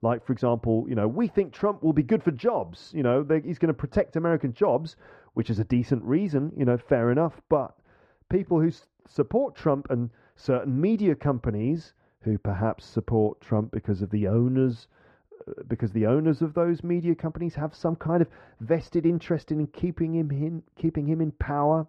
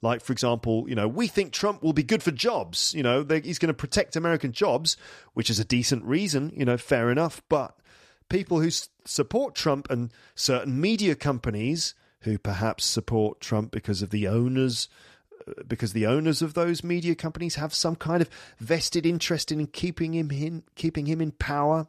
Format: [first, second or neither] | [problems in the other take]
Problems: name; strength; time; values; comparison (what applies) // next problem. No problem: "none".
second | muffled; very; fading above 3 kHz